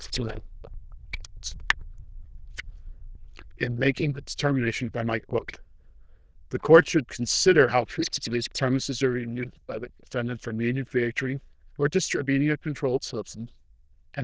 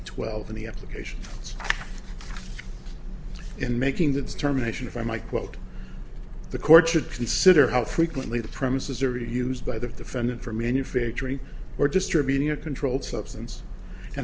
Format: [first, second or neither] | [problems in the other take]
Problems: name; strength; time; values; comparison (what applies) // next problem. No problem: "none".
second | noise reduction (neural diffusion model UNIVERSE++)